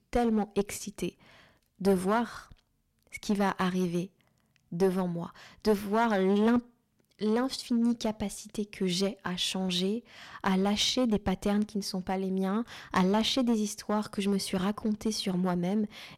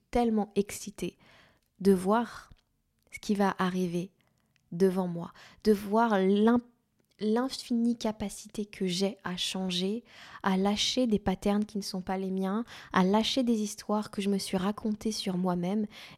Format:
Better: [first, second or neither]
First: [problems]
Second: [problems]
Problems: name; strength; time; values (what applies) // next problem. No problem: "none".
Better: second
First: distortion; slight; 4% of the sound clipped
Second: none